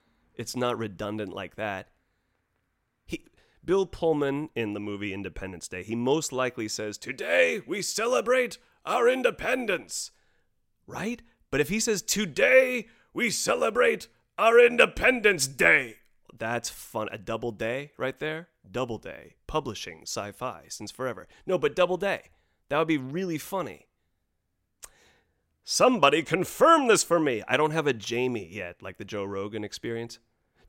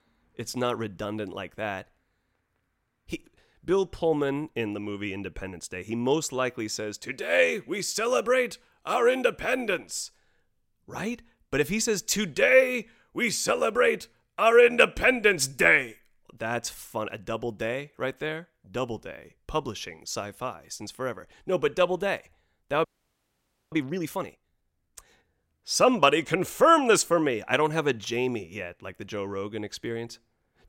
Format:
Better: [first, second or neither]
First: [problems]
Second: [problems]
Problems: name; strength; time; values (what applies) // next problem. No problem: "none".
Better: first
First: none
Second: audio freezing; at 23 s for 1 s